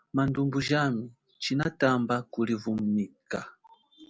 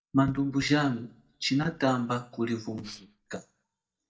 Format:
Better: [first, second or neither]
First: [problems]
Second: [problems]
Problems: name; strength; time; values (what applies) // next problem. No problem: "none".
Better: first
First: none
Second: noise reduction (neural mask model DeepFilterNet 3)